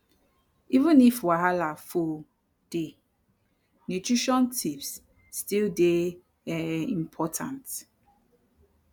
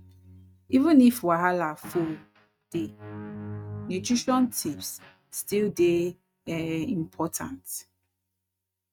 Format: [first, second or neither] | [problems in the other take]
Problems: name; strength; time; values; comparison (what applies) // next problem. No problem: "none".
first | noise reduction (neural mask model RNNoise)